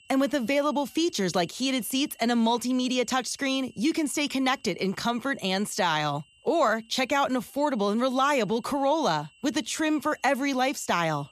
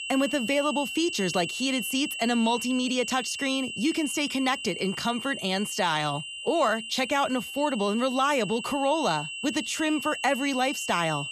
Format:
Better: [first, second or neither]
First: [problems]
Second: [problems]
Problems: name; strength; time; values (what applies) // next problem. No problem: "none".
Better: first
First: high-pitched whine; faint; throughout; 3 kHz, 30 dB below the speech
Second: high-pitched whine; loud; throughout; 3 kHz, 7 dB below the speech